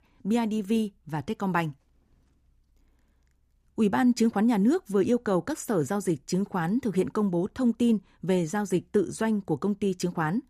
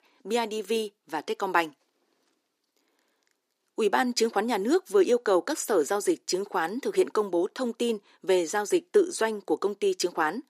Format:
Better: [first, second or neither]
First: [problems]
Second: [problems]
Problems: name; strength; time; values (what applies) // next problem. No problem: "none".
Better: first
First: none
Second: thin; somewhat; fading below 350 Hz